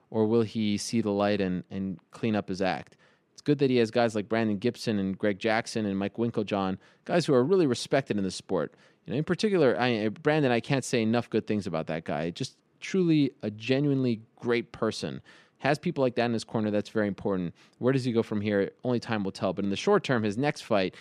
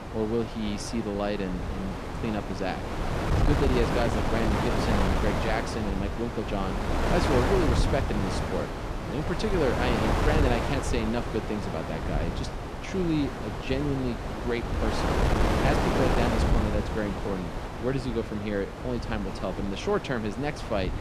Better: first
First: none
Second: wind noise on the microphone; heavy; 1 dB above the speech

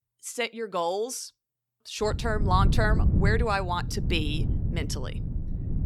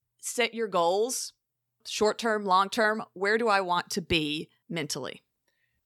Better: second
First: wind noise on the microphone; occasional gusts; from 2 s on; 10 dB below the speech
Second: none

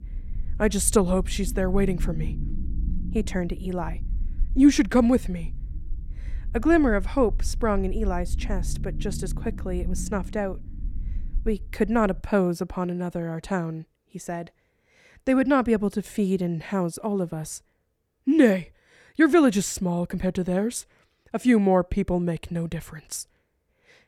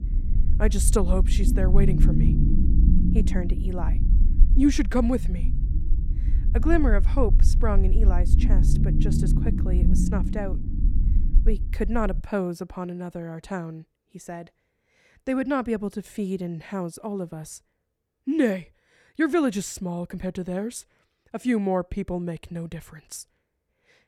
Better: first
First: low rumble; faint; until 12 s; 20 dB below the speech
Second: low rumble; loud; until 12 s; 7 dB below the speech

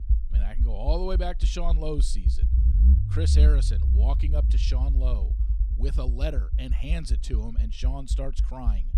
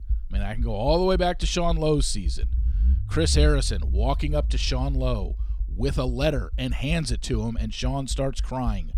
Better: second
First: low rumble; loud; throughout; 8 dB below the speech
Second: low rumble; faint; throughout; 20 dB below the speech

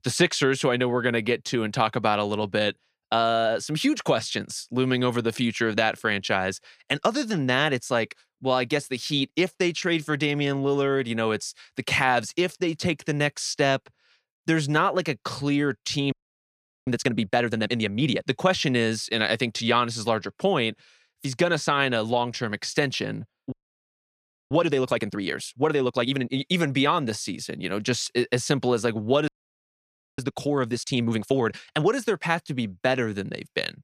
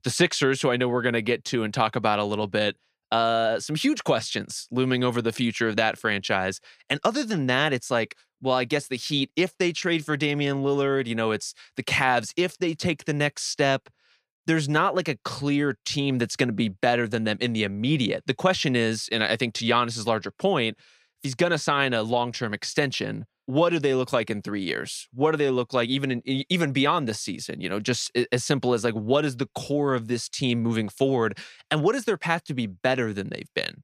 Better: second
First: audio freezing; at 16 s for 1 s, at 24 s for 1 s and at 29 s for 1 s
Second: none

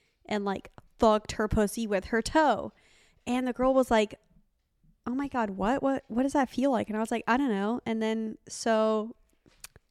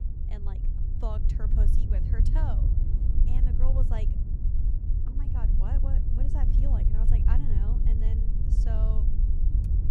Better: first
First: none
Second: low rumble; loud; throughout; as loud as the speech

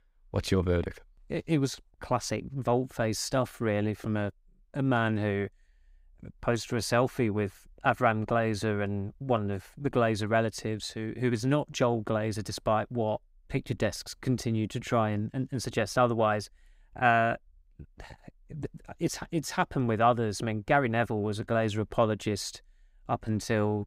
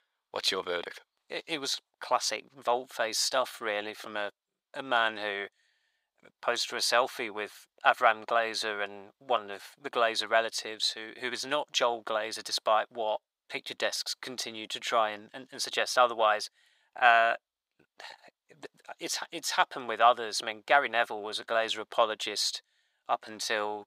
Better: first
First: none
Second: thin; very; fading below 800 Hz

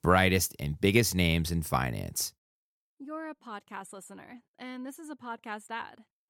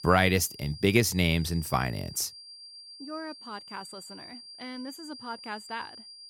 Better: first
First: none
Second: high-pitched whine; noticeable; throughout; 5 kHz, 15 dB below the speech

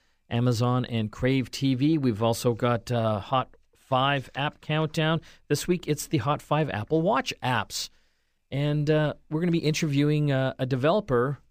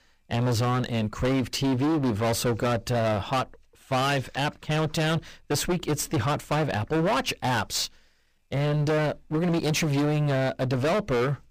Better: first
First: none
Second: distortion; heavy; 26% of the sound clipped

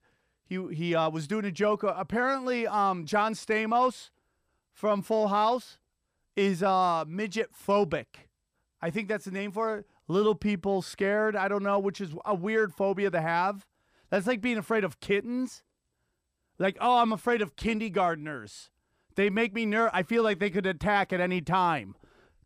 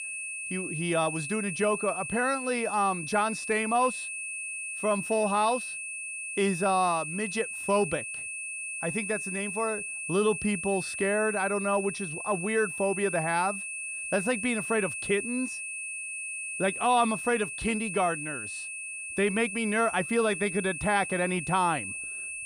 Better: first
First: none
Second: high-pitched whine; loud; throughout; 2.5 kHz, 5 dB below the speech

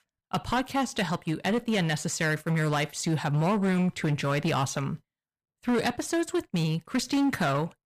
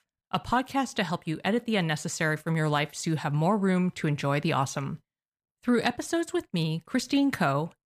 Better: second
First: distortion; slight; 12% of the sound clipped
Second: none

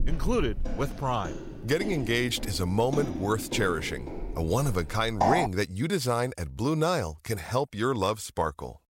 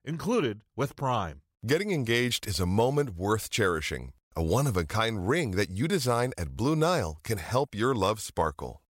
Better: second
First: footsteps; loud; until 5.5 s; peak 3 dB above the speech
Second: none

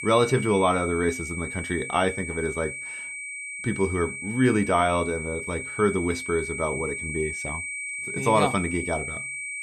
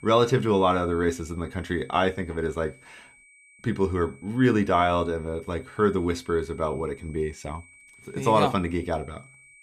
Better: second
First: high-pitched whine; loud; throughout; 2.5 kHz, 6 dB below the speech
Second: high-pitched whine; faint; throughout; 2.5 kHz, 25 dB below the speech

